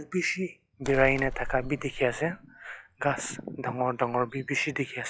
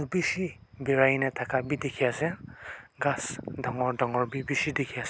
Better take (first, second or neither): second